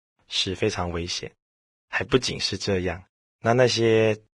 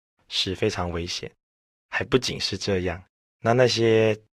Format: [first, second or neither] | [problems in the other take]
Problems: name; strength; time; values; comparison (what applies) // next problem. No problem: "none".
second | garbled, watery; badly; slightly in the second